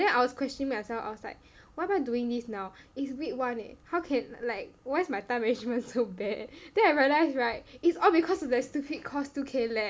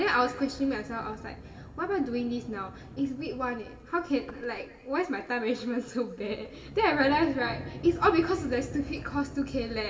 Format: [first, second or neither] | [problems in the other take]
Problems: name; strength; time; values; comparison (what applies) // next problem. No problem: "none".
first | background sound (Sliding door); 15 dB below the speech // room echo; dies away in 1.7 s